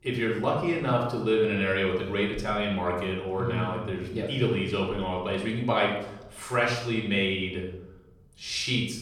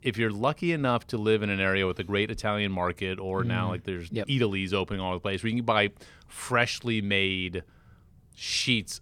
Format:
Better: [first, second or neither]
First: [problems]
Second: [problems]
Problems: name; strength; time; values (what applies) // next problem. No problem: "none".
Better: second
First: off-mic speech; far // room echo; noticeable; dies away in 0.7 s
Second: none